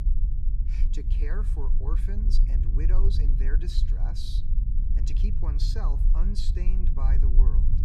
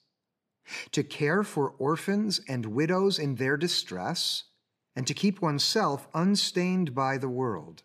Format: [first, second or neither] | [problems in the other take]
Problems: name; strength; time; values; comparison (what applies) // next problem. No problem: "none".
second | low rumble; loud; throughout; 4 dB below the speech